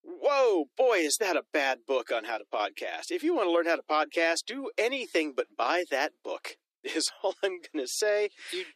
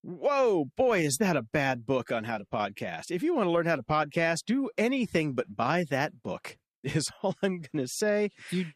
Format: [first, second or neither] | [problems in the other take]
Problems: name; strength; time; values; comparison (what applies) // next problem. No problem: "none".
second | thin; somewhat; fading below 300 Hz